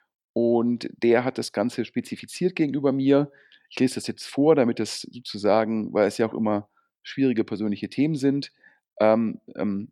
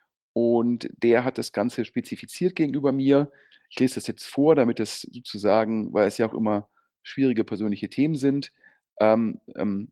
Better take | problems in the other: first | garbled, watery; slightly; nothing above 18.5 kHz

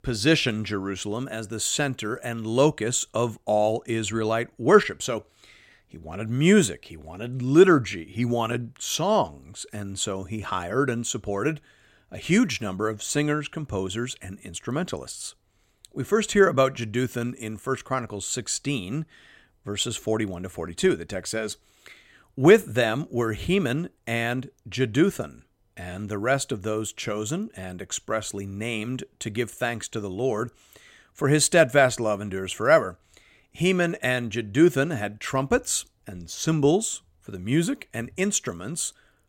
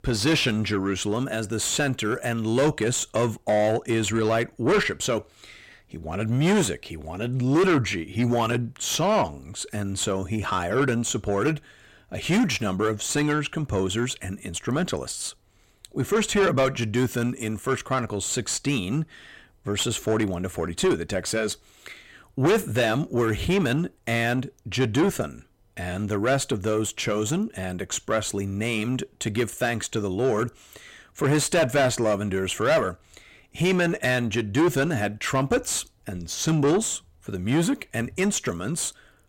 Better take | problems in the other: first | distortion; heavy; 6 dB below the speech

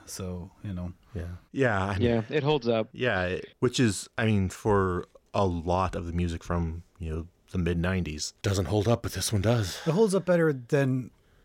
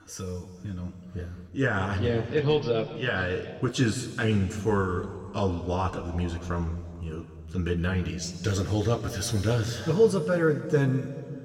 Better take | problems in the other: first | room echo; slight; dies away in 2 s

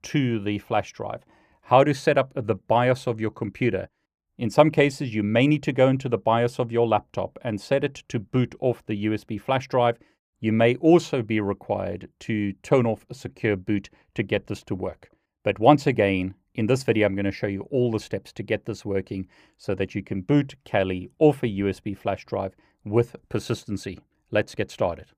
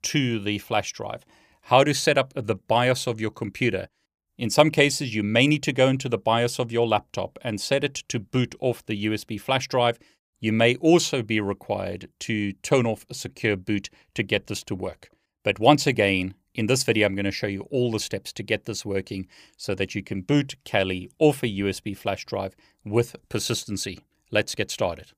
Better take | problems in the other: second | muffled; slightly; fading above 2.5 kHz

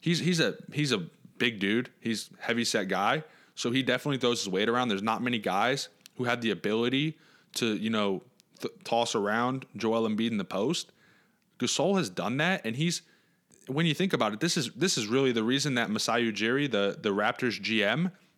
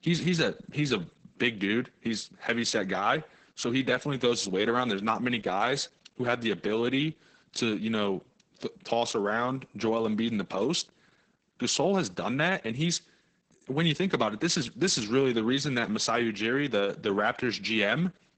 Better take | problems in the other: first | garbled, watery; badly; nothing above 8 kHz

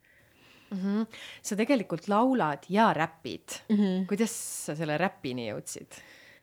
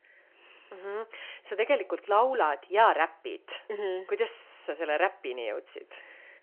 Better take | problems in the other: first | phone-call audio

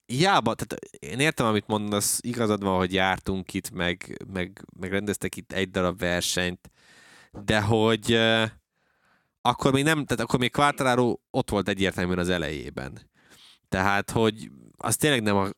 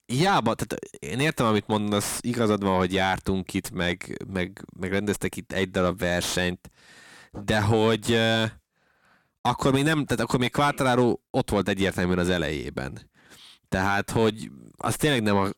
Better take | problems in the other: first | distortion; slight; 10 dB below the speech

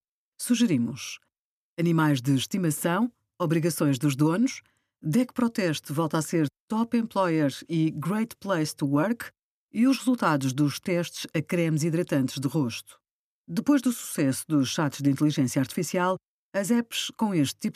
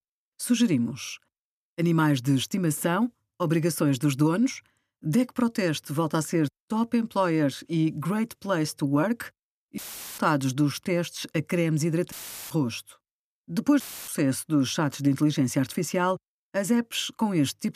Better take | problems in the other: first | audio cutting out; filled with static; at 10 s, at 12 s and at 14 s

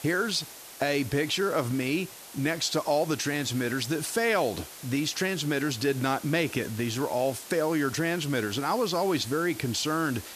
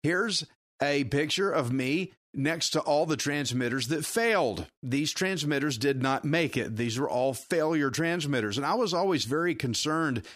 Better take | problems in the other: second | hiss; very faint; throughout; 15 dB below the speech

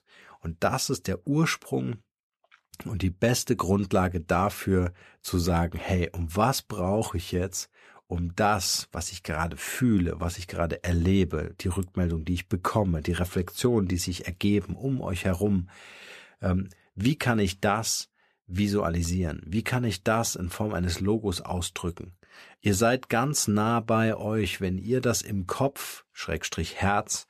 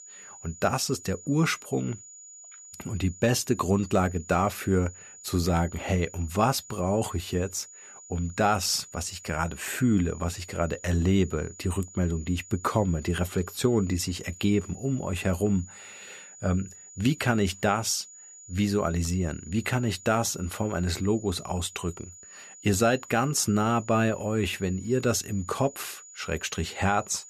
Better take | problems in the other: first | high-pitched whine; noticeable; throughout; 7 kHz, 20 dB below the speech

